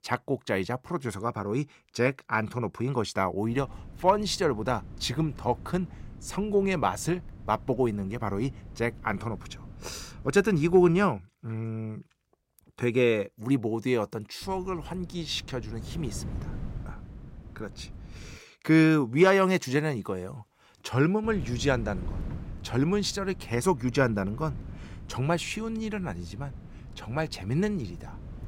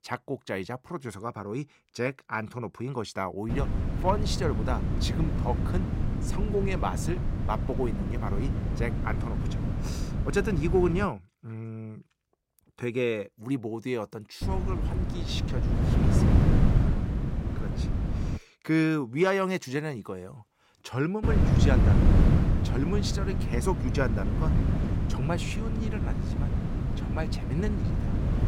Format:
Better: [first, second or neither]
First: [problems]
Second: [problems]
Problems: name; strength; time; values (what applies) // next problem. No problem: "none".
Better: first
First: wind noise on the microphone; occasional gusts; from 3.5 to 11 s, from 14 to 18 s and from 21 s on; 25 dB below the speech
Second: wind noise on the microphone; heavy; from 3.5 to 11 s, from 14 to 18 s and from 21 s on; 4 dB below the speech